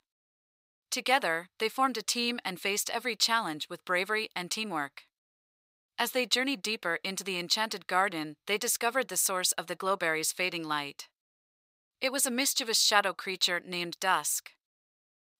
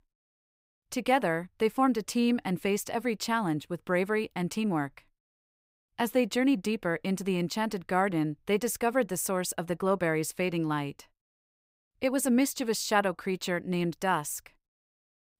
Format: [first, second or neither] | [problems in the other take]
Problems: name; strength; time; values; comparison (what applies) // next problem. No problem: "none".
second | thin; somewhat; fading below 1 kHz